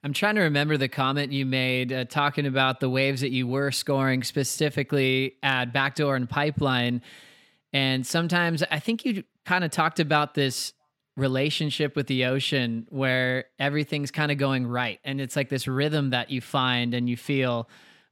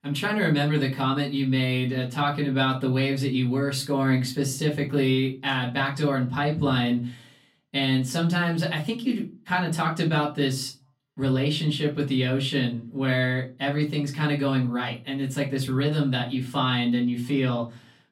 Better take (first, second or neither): first